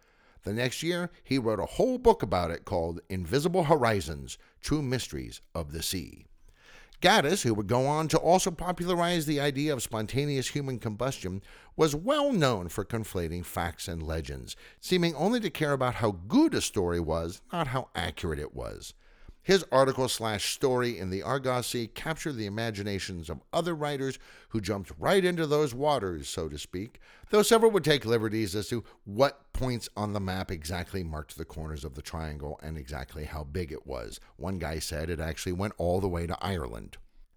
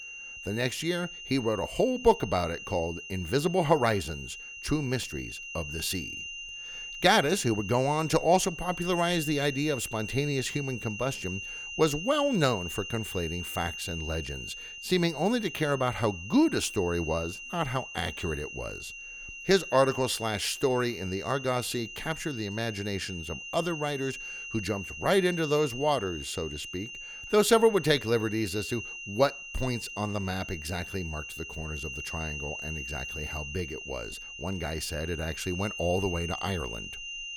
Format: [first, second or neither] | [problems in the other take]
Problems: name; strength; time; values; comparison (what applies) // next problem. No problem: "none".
first | high-pitched whine; loud; throughout; 3 kHz, 9 dB below the speech